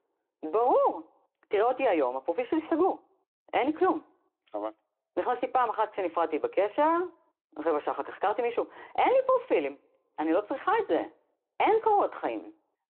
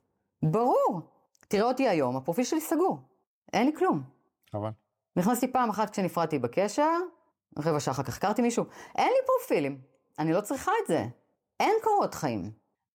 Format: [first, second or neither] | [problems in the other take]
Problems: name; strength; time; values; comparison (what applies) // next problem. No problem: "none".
second | phone-call audio